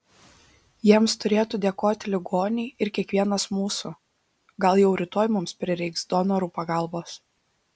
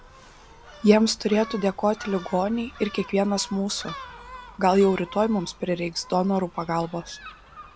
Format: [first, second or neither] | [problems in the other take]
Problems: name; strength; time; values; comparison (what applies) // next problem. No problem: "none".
first | background sound (Gull, seagull); 18 dB below the speech